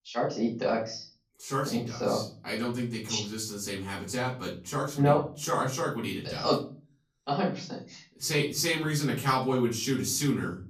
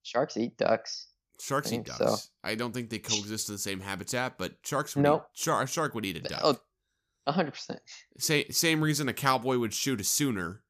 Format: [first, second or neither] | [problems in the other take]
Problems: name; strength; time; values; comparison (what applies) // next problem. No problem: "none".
second | off-mic speech; far // room echo; slight; dies away in 0.4 s